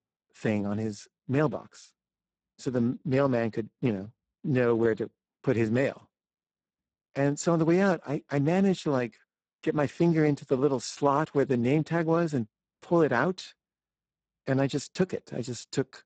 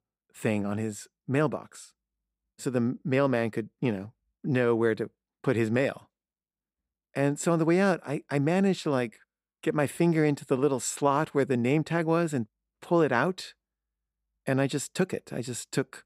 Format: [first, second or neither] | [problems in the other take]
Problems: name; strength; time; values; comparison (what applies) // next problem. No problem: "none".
second | garbled, watery; badly; nothing above 7.5 kHz